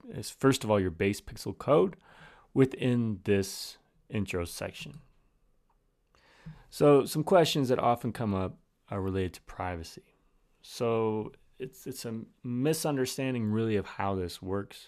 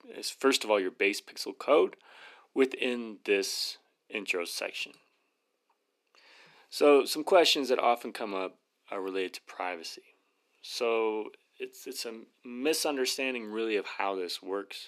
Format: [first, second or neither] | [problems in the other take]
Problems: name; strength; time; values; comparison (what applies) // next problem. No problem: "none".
first | thin; somewhat; fading below 300 Hz